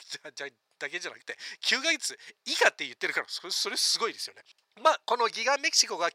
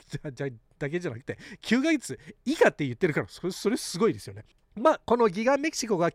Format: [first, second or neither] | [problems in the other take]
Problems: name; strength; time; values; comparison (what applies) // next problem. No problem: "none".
second | thin; very; fading below 900 Hz